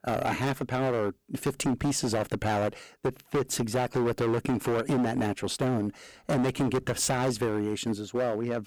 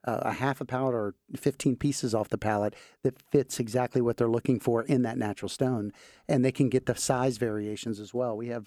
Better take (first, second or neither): second